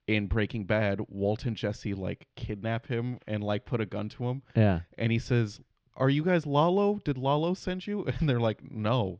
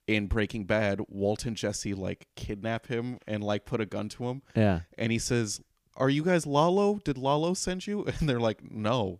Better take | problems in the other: second | muffled; slightly; fading above 4 kHz

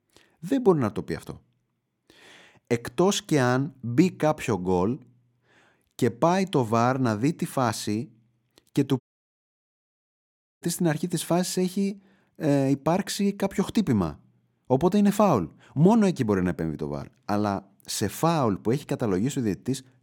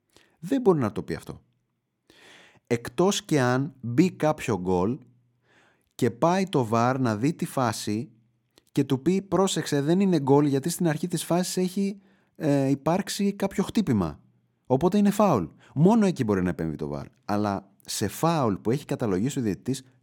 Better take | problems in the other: second | audio cutting out; at 9 s for 1.5 s

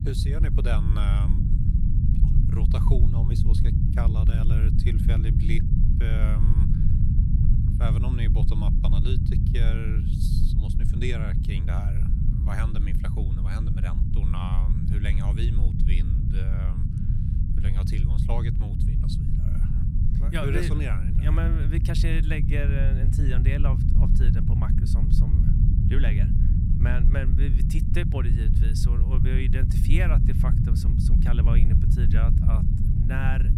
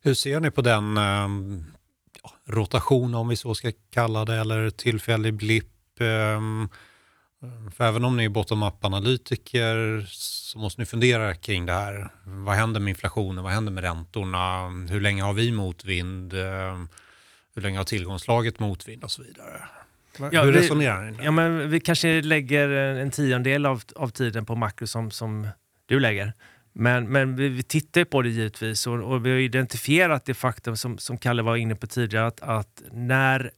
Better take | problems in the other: second | low rumble; loud; throughout; 1 dB below the speech

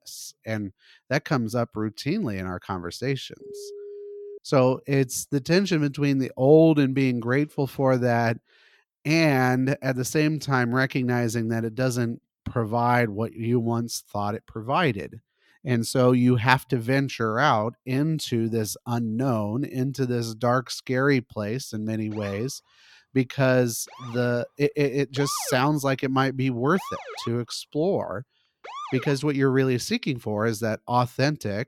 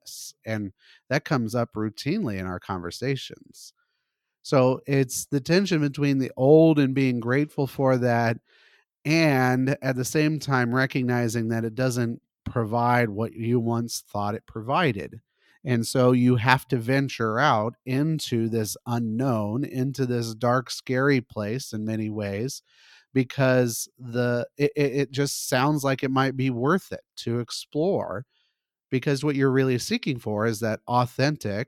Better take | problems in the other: second | phone ringing; faint; at 3.5 s; peak 15 dB below the speech // siren; noticeable; from 22 to 29 s; peak 9 dB below the speech

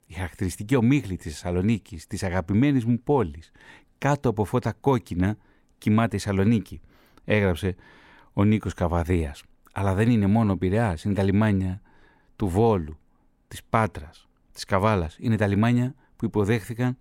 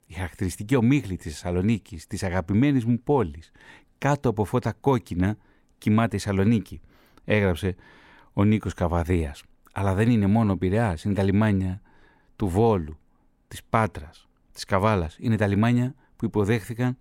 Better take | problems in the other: neither | none

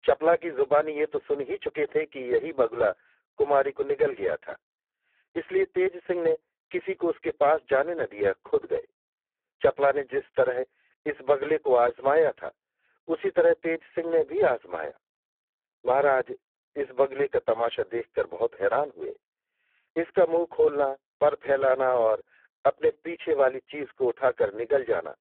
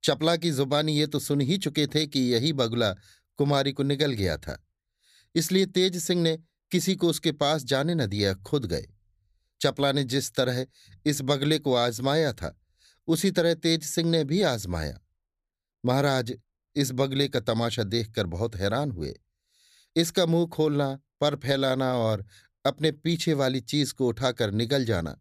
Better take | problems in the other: second | phone-call audio; poor line

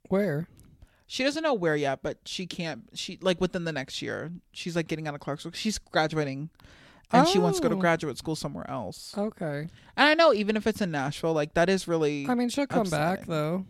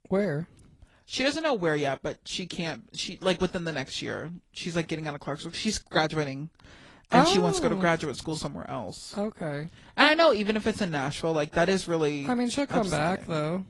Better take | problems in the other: first | garbled, watery; slightly; nothing above 10.5 kHz

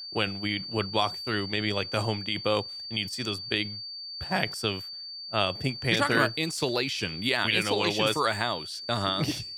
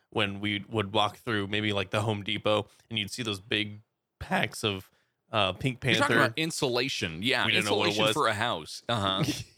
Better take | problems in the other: second | high-pitched whine; loud; throughout; 4.5 kHz, 8 dB below the speech

